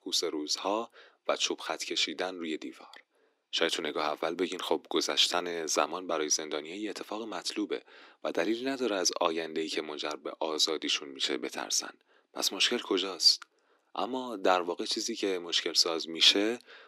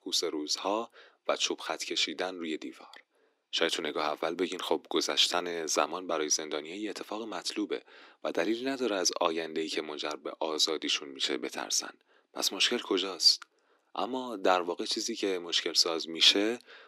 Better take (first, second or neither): neither